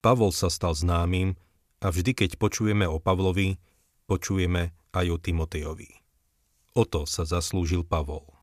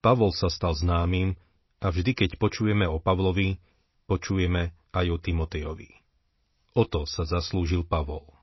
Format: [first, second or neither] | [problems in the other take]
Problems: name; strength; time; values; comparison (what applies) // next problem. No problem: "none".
first | garbled, watery; slightly; nothing above 5.5 kHz